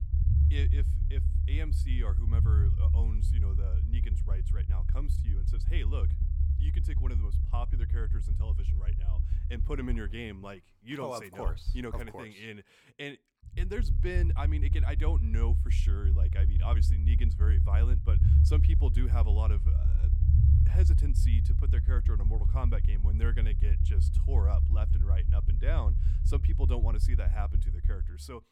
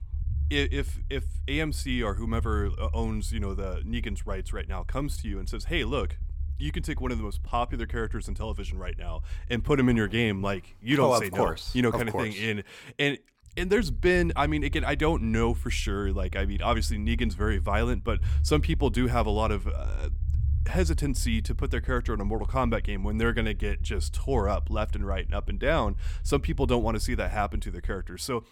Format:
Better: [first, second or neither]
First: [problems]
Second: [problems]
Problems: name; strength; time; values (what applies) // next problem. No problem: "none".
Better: second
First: low rumble; loud; throughout; 3 dB below the speech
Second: low rumble; faint; throughout; 20 dB below the speech